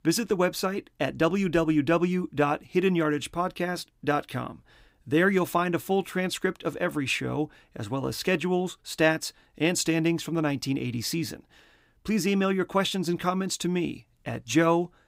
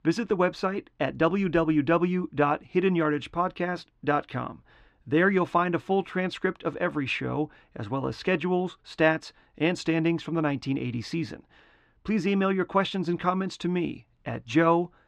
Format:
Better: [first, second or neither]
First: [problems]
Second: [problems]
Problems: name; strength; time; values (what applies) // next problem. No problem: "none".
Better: first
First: none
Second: muffled; slightly; fading above 3 kHz